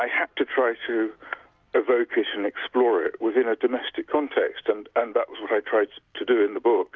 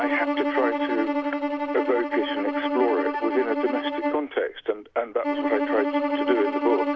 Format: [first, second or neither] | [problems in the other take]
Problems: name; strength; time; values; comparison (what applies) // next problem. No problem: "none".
first | background sound (Bowed string instrument); as loud as the speech